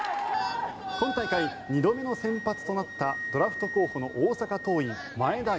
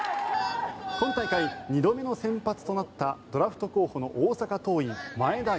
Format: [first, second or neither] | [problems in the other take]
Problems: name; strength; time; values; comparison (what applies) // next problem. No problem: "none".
second | background sound (Wind instrument, woodwind instrument); 12 dB below the speech